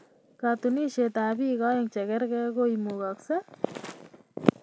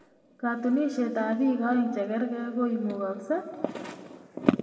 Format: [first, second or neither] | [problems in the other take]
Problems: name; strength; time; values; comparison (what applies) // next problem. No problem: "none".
first | room echo; dies away in 1.8 s